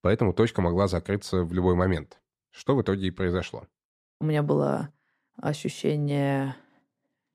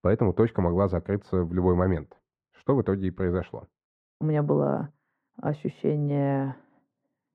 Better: first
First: none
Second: muffled; very; fading above 3 kHz

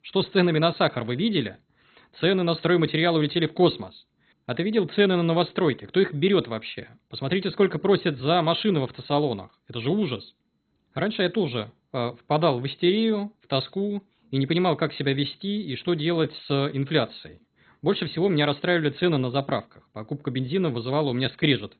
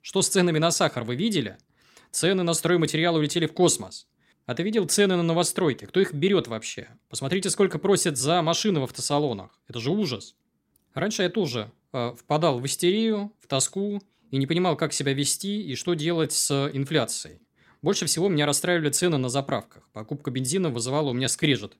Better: second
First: garbled, watery; badly; nothing above 4 kHz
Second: none

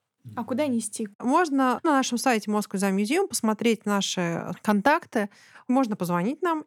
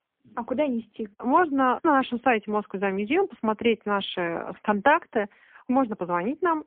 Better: first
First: none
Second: phone-call audio; poor line; nothing above 3.5 kHz

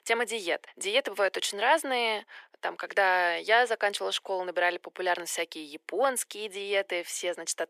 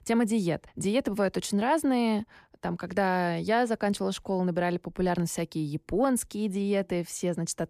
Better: second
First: thin; very; fading below 450 Hz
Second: none

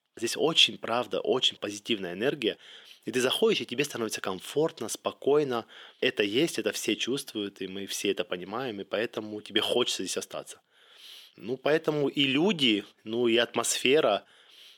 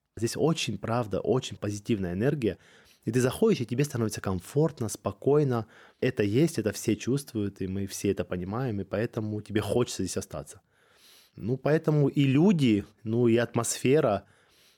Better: second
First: thin; somewhat; fading below 350 Hz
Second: none

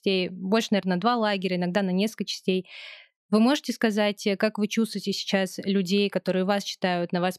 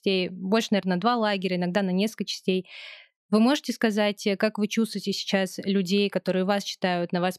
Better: neither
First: none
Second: none

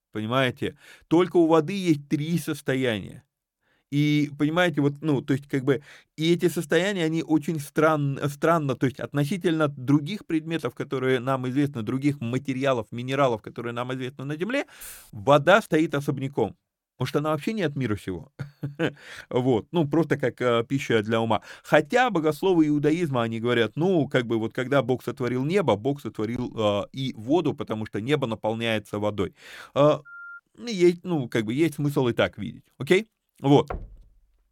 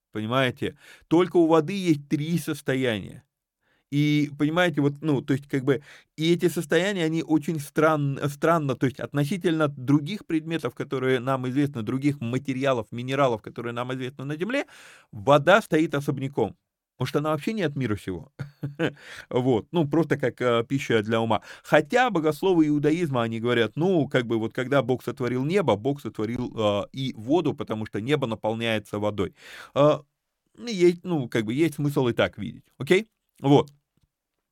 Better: second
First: jangling keys; faint; at 15 s; peak 15 dB below the speech // phone ringing; faint; at 30 s; peak 15 dB below the speech // door banging; faint; at 34 s; peak 15 dB below the speech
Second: none

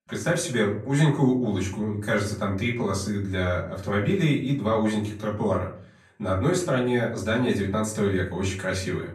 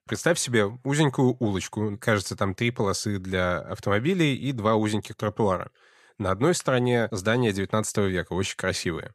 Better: second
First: room echo; slight; dies away in 0.5 s // off-mic speech; far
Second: none

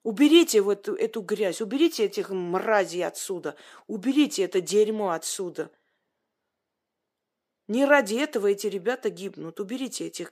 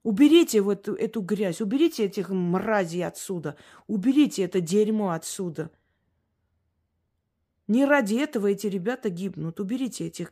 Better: second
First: thin; very slightly; fading below 400 Hz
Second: none

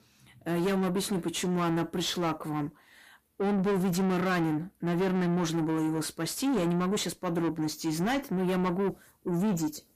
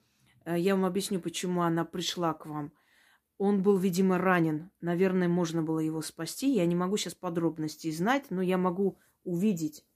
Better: second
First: distortion; heavy; 7 dB below the speech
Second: none

